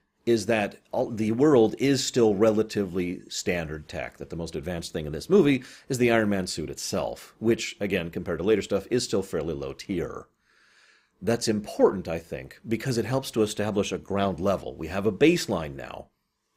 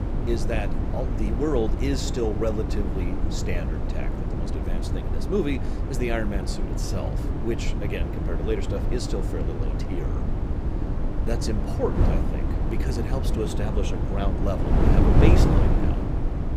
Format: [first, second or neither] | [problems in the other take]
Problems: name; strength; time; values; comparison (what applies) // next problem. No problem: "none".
first | wind noise on the microphone; heavy; 2 dB below the speech